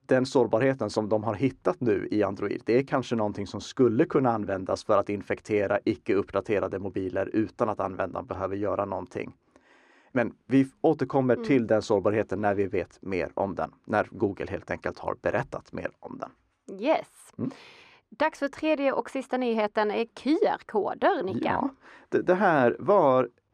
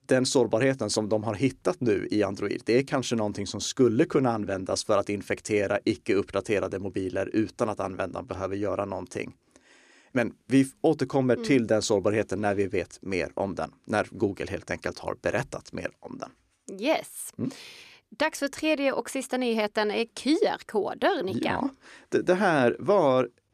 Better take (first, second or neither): second